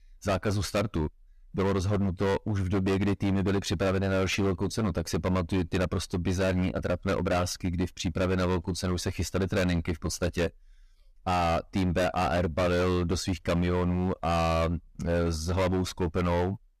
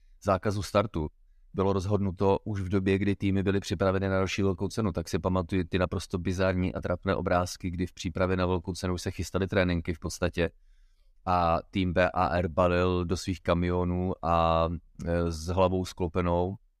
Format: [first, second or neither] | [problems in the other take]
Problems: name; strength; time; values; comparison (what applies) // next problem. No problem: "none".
second | distortion; heavy; 18% of the sound clipped